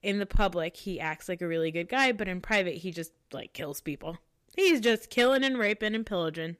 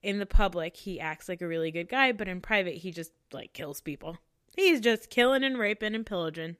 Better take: second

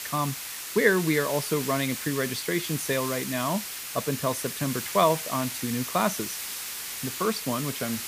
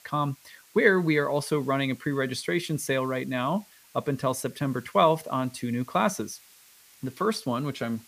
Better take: second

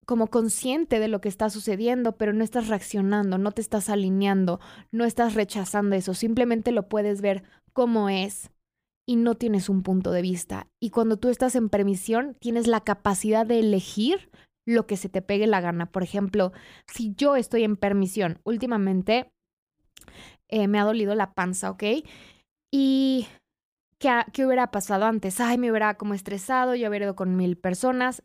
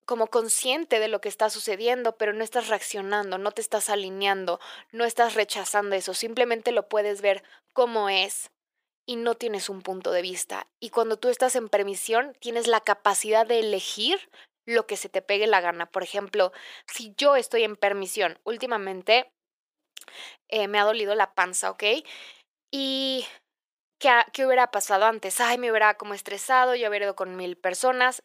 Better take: first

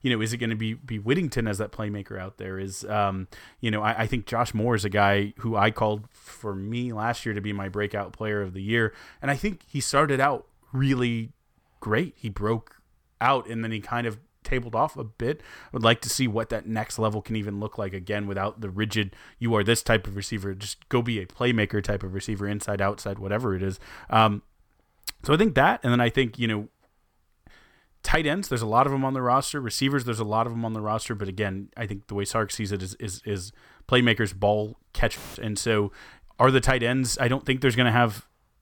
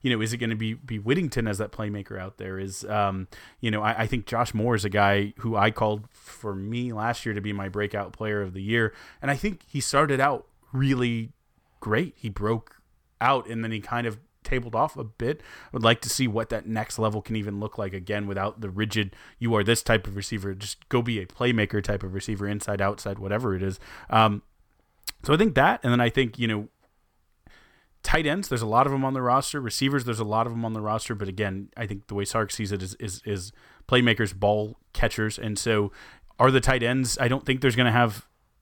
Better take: second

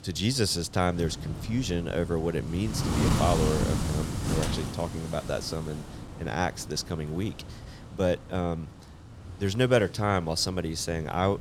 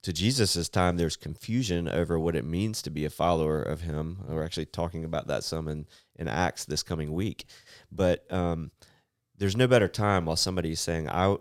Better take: second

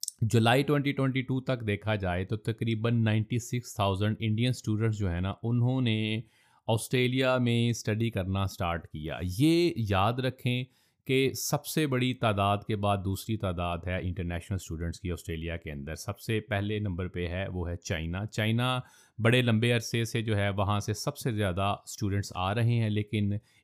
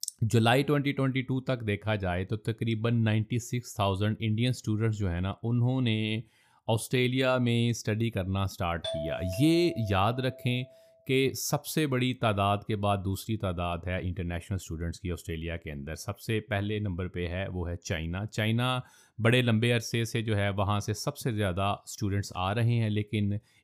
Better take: first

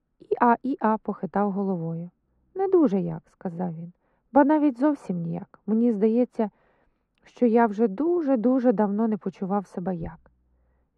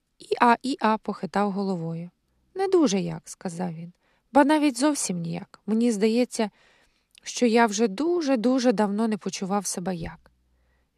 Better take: second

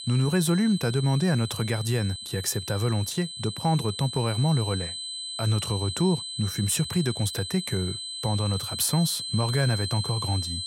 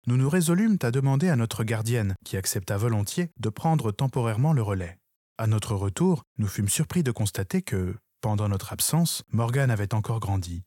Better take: second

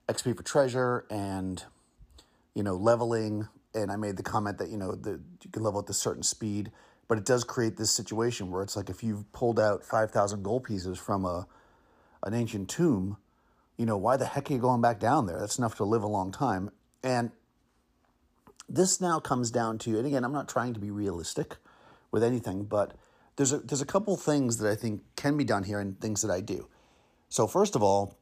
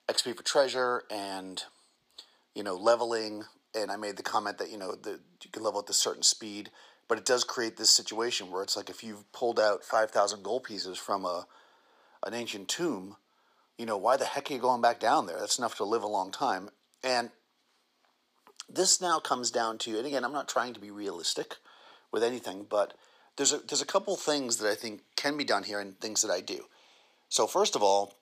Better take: first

